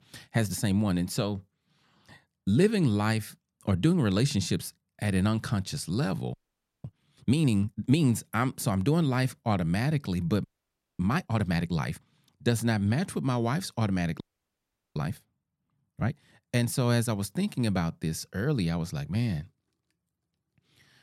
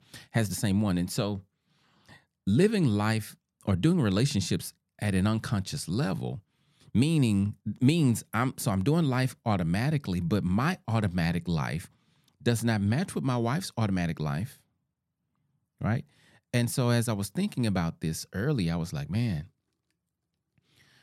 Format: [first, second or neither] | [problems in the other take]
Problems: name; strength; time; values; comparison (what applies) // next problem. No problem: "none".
second | audio freezing; at 6.5 s for 0.5 s, at 10 s for 0.5 s and at 14 s for 1 s